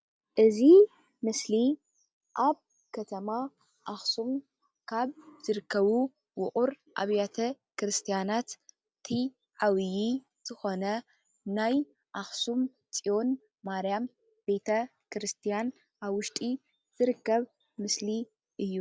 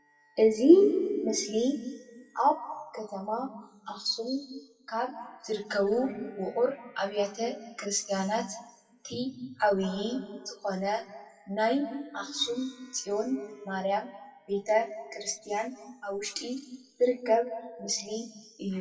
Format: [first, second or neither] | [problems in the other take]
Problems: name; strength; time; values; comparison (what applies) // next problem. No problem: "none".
first | noise reduction (classical method WPE with log-MMSE)